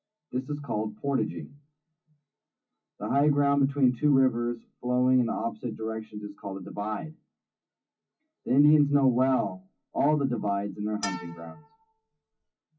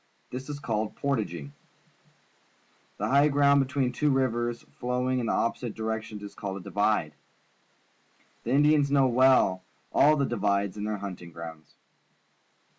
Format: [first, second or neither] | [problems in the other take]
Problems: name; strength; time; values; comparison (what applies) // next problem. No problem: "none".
second | noise reduction (classical method WPE with log-MMSE)